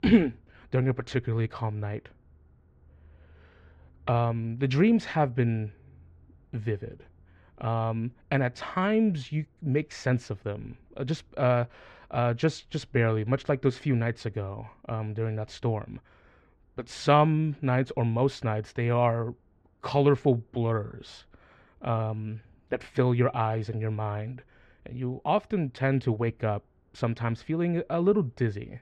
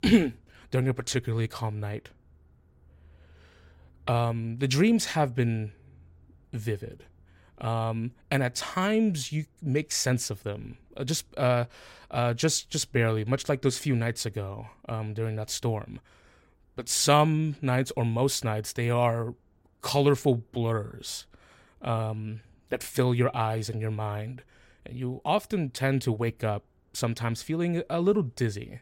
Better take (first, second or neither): second